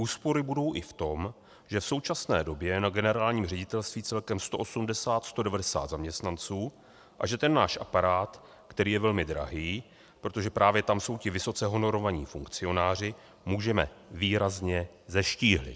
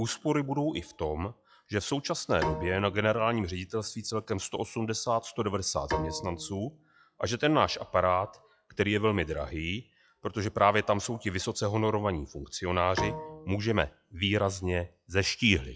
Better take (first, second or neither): first